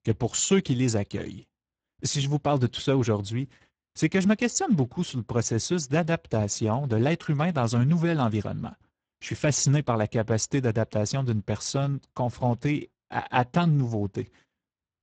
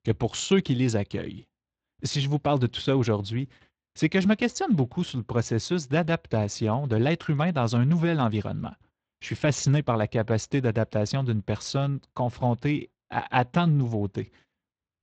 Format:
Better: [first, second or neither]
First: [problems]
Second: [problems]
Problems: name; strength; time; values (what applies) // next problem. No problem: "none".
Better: second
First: garbled, watery; badly; nothing above 7.5 kHz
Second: garbled, watery; slightly; nothing above 7.5 kHz